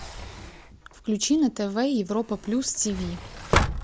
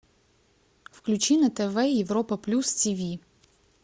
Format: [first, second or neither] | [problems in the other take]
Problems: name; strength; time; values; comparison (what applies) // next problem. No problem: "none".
second | background sound (Sliding door); 4 dB below the speech